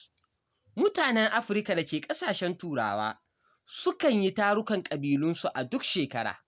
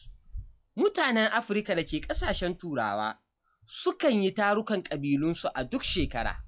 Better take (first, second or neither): first